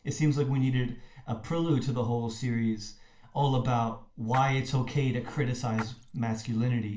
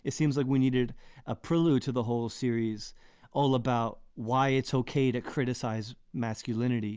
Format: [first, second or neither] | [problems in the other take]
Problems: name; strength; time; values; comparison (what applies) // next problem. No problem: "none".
second | background sound (Splash, splatter); 17 dB below the speech // room echo; dies away in 0.4 s